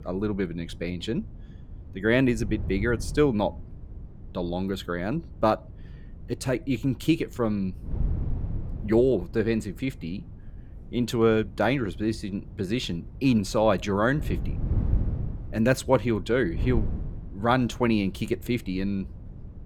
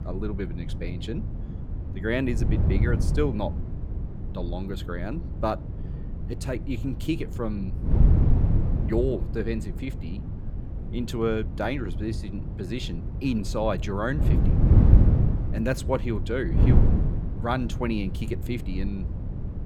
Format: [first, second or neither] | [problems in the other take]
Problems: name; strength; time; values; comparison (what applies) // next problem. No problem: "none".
first | wind noise on the microphone; heavy; 7 dB below the speech; occasional gusts in the first